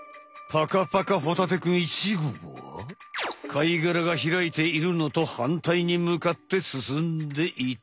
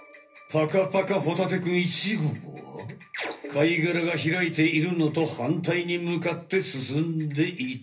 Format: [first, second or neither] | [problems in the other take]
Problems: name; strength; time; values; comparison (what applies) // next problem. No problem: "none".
first | room echo; dies away in 0.3 s